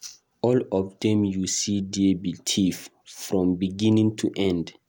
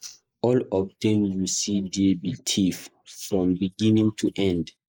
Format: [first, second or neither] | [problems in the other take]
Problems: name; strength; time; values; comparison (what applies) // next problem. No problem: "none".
first | noise reduction (neural mask model Resemble Enhance denoiser)